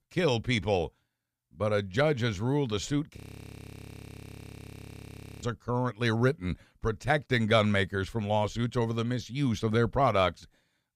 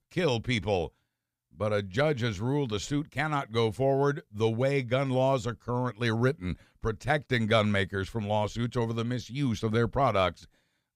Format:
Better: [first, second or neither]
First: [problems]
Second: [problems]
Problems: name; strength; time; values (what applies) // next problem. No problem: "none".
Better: second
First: audio freezing; at 3 s for 2.5 s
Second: none